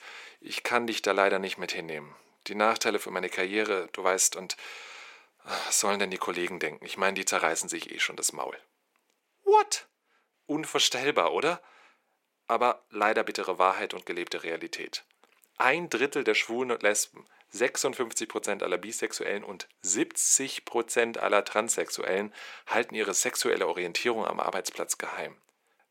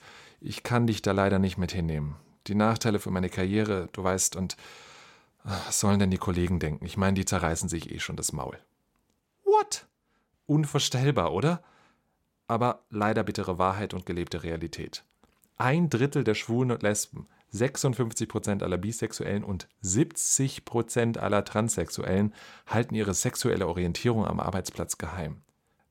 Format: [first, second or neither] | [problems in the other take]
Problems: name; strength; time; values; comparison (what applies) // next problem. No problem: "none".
second | thin; very; fading below 350 Hz